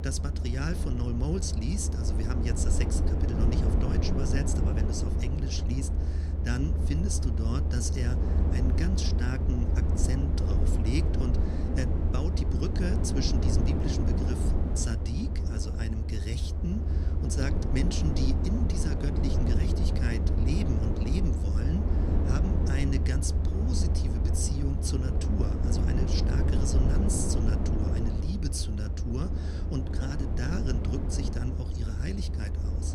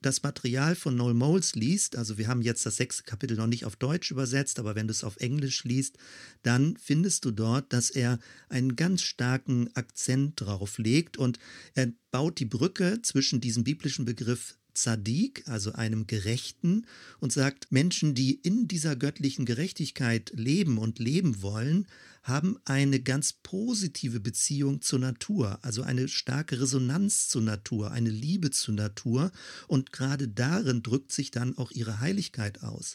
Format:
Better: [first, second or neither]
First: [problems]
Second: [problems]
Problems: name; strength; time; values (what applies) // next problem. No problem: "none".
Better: second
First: low rumble; loud; throughout; 1 dB below the speech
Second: none